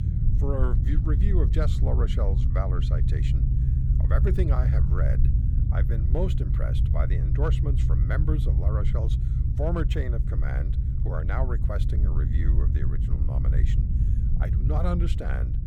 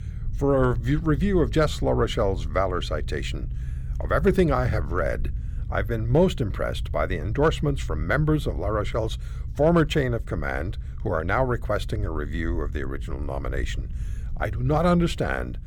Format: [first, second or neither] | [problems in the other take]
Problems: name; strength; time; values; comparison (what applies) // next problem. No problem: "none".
second | low rumble; loud; throughout; 4 dB below the speech; faint in the second